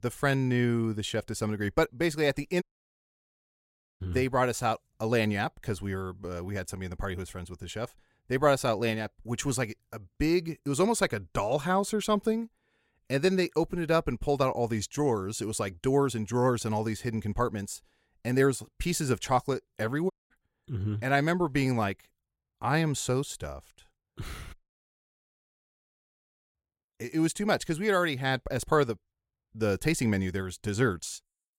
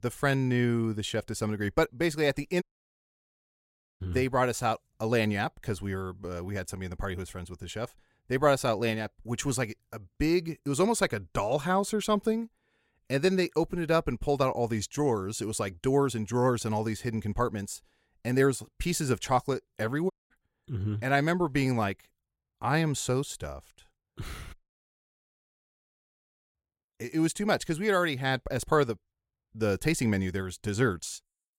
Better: neither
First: audio cutting out; at 2.5 s for 1.5 s, at 20 s and at 25 s for 2 s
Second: audio cutting out; at 2.5 s for 1.5 s, at 20 s and at 25 s for 2 s

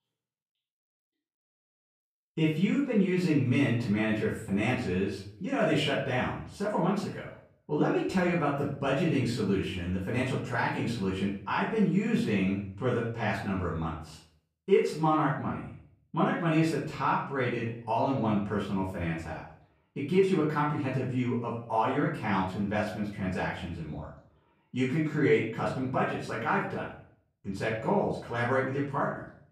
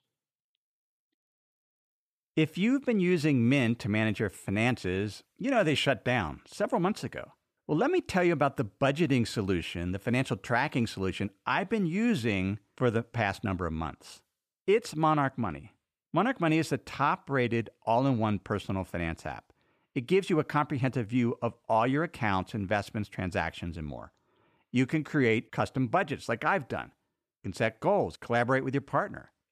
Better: second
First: off-mic speech; far // room echo; noticeable; dies away in 0.5 s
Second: none

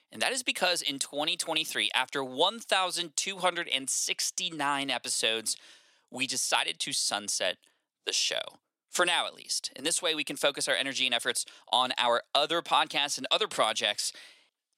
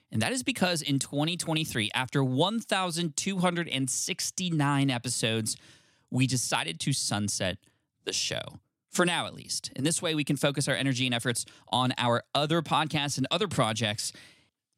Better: second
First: thin; very; fading below 550 Hz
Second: none

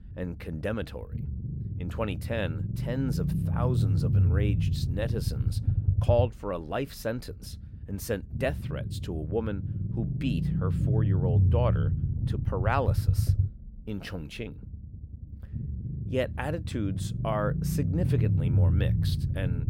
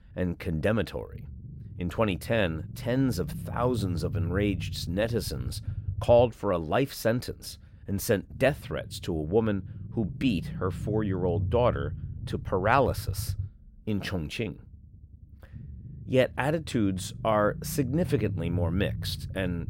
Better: second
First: low rumble; loud; throughout; 7 dB below the speech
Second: low rumble; faint; throughout; 20 dB below the speech

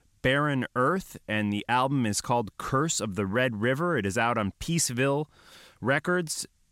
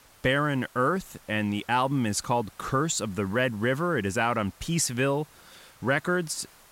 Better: first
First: none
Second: hiss; faint; throughout; 25 dB below the speech

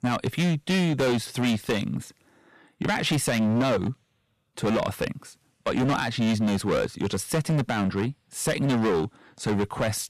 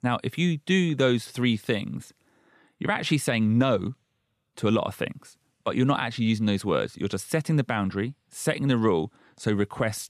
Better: second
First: distortion; heavy; 16% of the sound clipped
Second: none

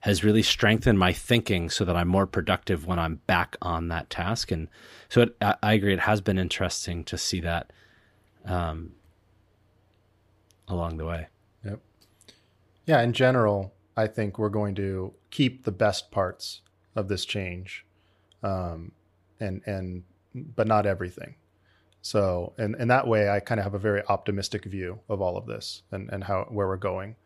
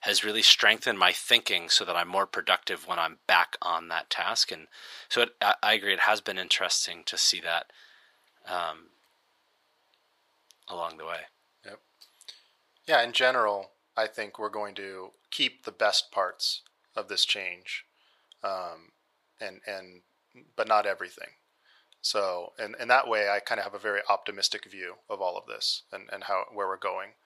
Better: first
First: none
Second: thin; very; fading below 800 Hz

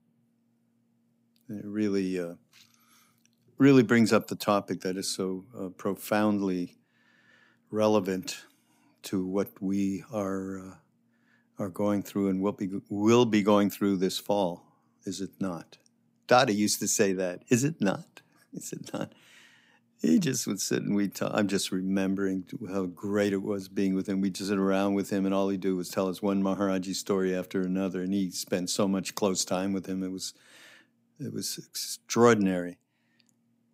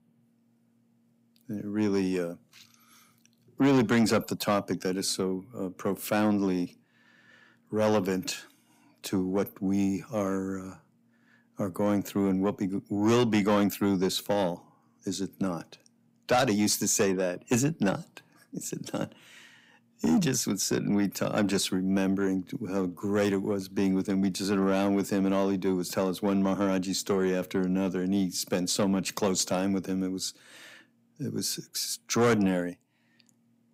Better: first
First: none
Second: distortion; slight; 10 dB below the speech

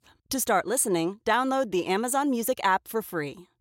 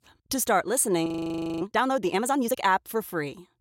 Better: first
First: none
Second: audio freezing; at 1 s for 0.5 s

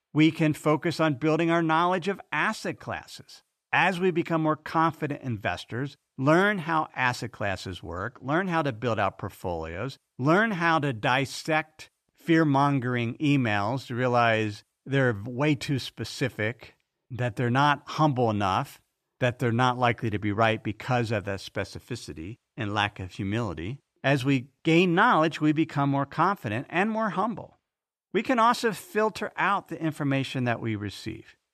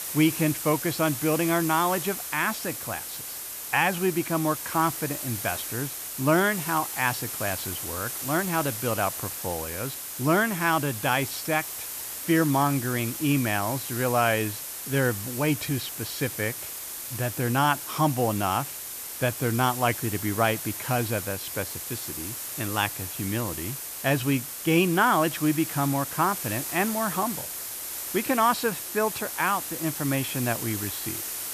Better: first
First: none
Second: hiss; loud; throughout; 5 dB below the speech

